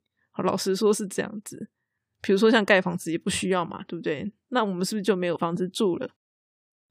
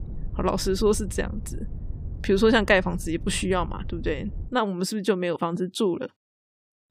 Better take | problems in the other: first | wind noise on the microphone; occasional gusts; until 4.5 s; 25 dB below the speech

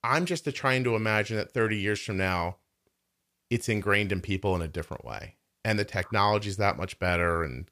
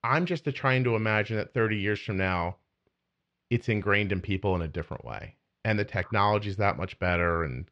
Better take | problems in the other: first | muffled; slightly; fading above 3.5 kHz

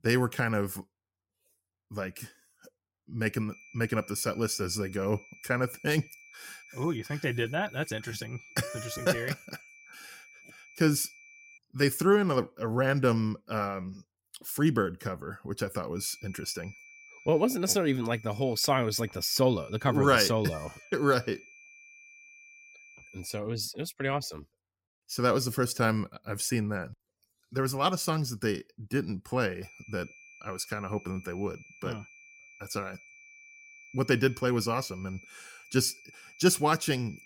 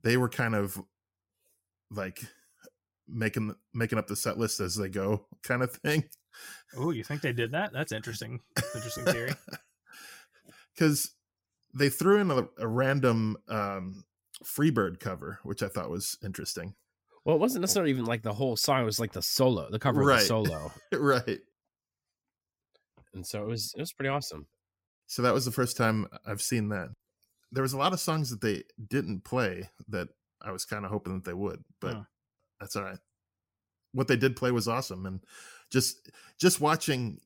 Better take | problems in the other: second | high-pitched whine; faint; from 3.5 to 12 s, from 16 to 23 s and from 30 s on; 2.5 kHz, 20 dB below the speech

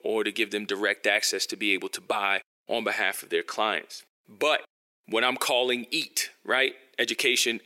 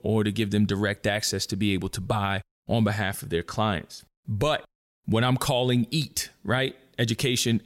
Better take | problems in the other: second | thin; very; fading below 350 Hz

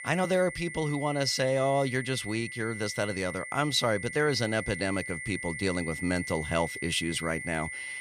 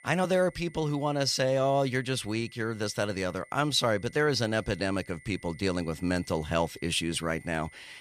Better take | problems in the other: second | high-pitched whine; loud; throughout; 2 kHz, 8 dB below the speech; faint in the second

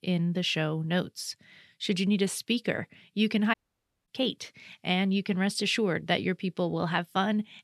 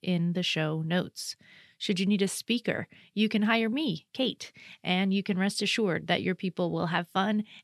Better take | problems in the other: second | audio cutting out; at 3.5 s for 0.5 s

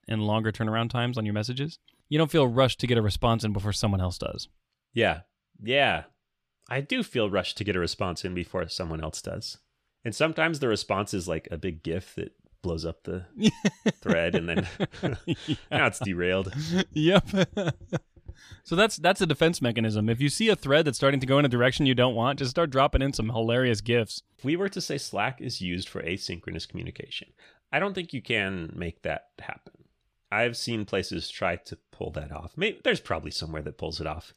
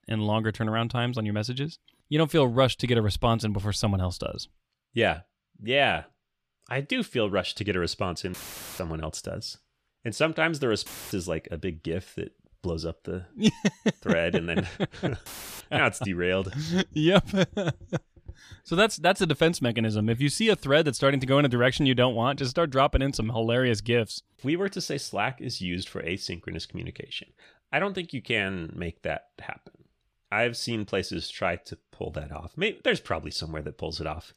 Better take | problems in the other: first | audio cutting out; filled with static; at 8.5 s, at 11 s and at 15 s

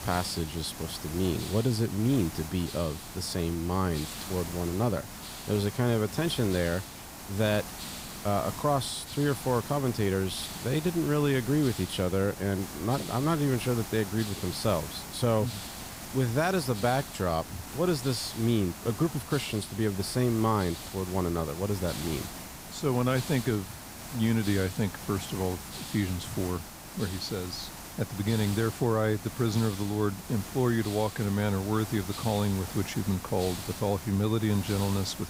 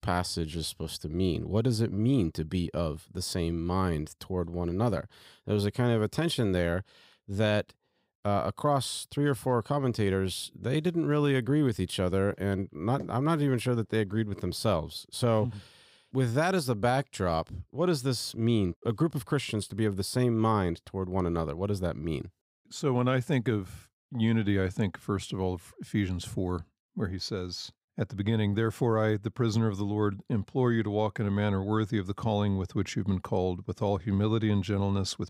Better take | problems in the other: second | hiss; loud; throughout; 10 dB below the speech

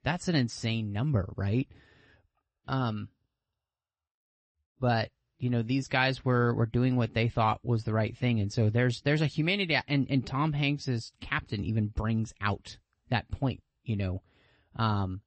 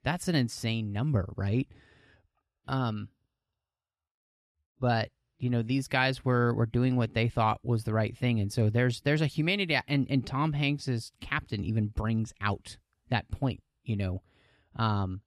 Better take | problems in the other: second | garbled, watery; slightly; nothing above 8 kHz

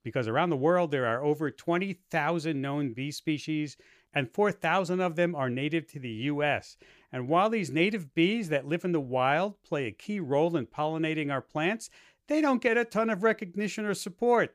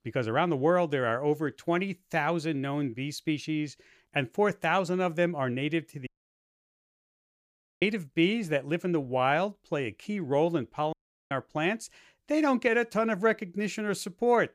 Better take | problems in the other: first | audio cutting out; at 6 s for 2 s and at 11 s

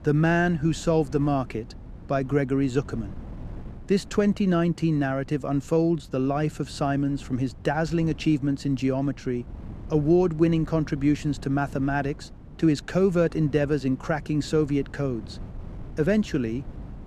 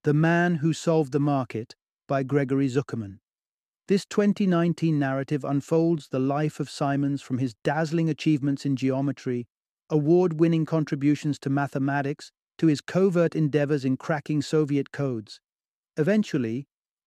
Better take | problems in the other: second | wind noise on the microphone; occasional gusts; 25 dB below the speech

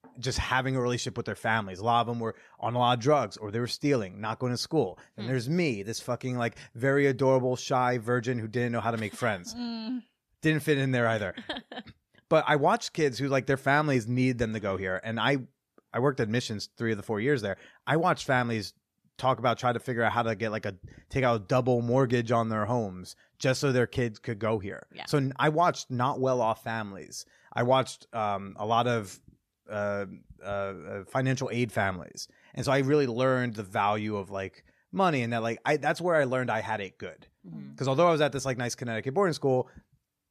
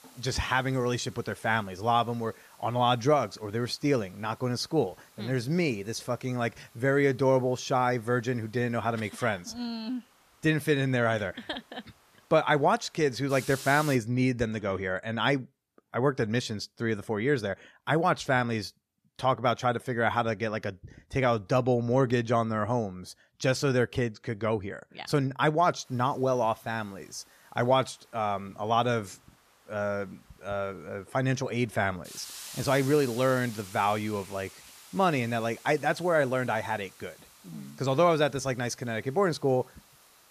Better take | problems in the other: first | hiss; faint; until 14 s and from 26 s on; 20 dB below the speech

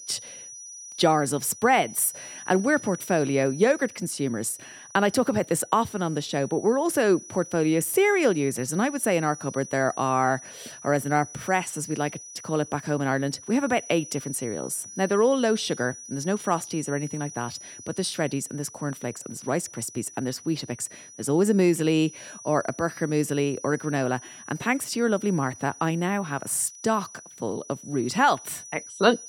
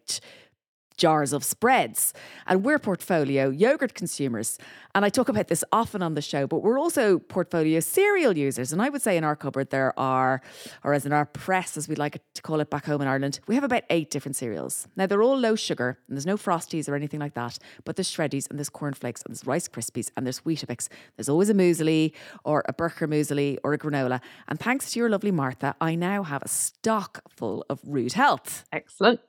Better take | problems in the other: second | high-pitched whine; noticeable; throughout; 6 kHz, 15 dB below the speech

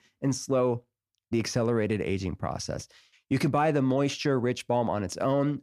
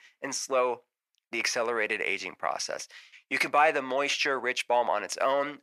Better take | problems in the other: first | thin; very; fading below 750 Hz

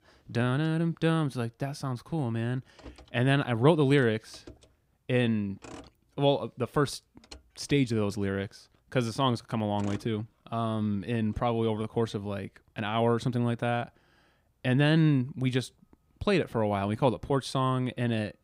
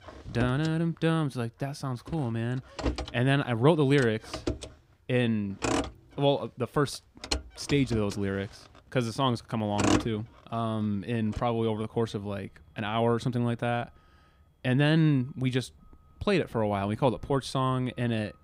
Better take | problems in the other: first | traffic noise; loud; throughout; 6 dB below the speech; faint in the first

